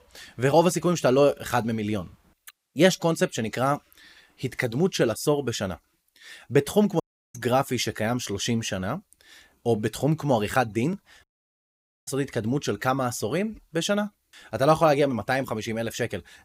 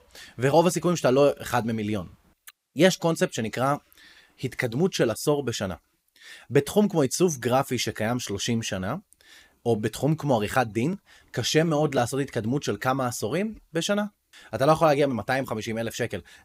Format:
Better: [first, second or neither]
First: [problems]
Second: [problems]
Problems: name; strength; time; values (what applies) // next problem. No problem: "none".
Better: second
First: audio cutting out; at 7 s and at 11 s for 1 s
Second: none